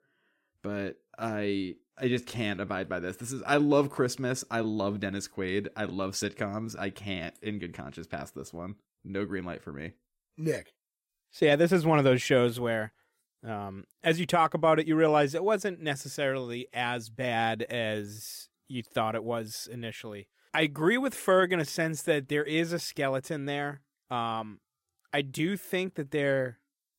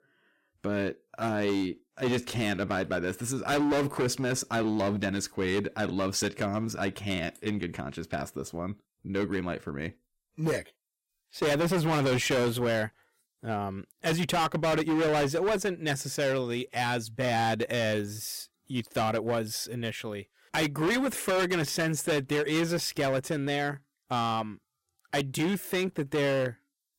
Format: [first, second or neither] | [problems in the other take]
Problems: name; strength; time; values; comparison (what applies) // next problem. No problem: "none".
first | distortion; heavy; 14% of the sound clipped